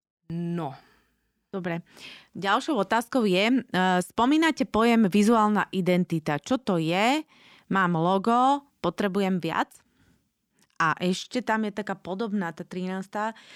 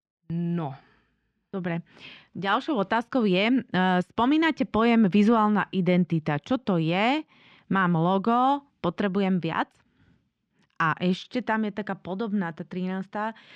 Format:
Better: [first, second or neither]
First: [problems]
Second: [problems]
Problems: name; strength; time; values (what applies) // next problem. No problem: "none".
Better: first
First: none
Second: muffled; very slightly; fading above 3 kHz